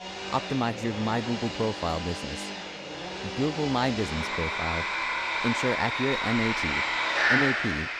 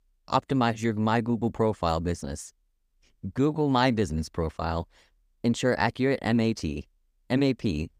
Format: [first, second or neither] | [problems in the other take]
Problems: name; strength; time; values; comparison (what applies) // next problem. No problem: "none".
second | machinery noise; very loud; throughout; 1 dB above the speech